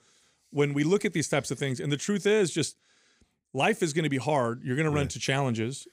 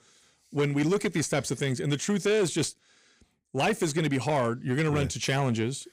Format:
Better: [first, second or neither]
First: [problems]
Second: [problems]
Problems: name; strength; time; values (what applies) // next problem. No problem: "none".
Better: first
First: none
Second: distortion; slight; 10 dB below the speech